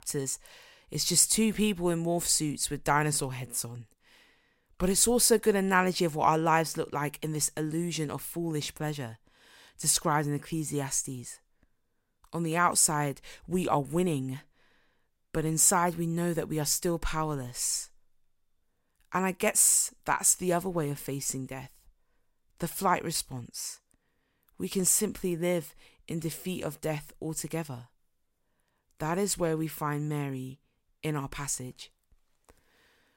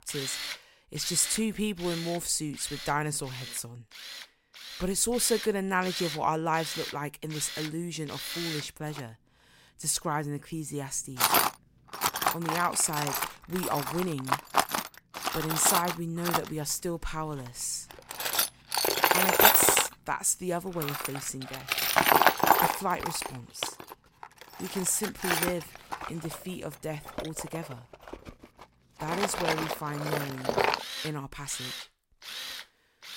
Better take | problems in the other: first | machinery noise; very loud; throughout; 3 dB above the speech

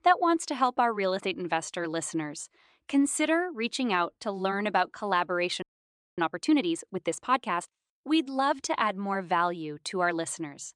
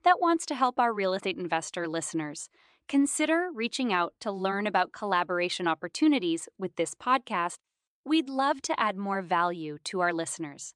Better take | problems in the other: second | audio freezing; at 5.5 s for 0.5 s

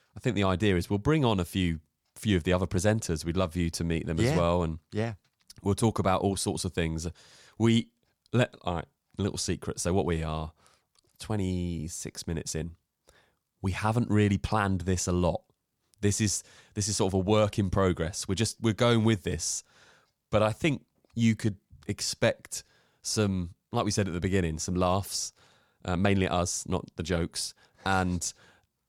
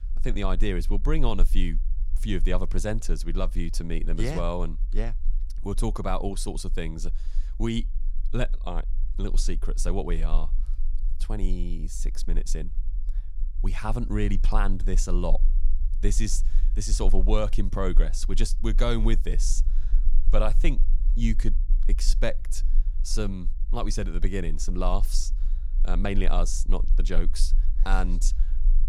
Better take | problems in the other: first | low rumble; faint; throughout; 20 dB below the speech

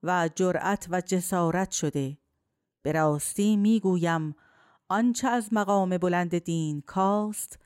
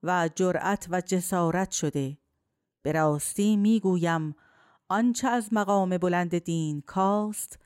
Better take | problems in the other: neither | none

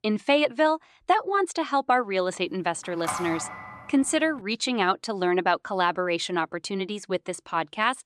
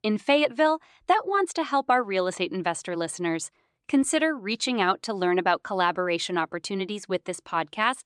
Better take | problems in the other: second | phone ringing; noticeable; at 3 s; peak 6 dB below the speech

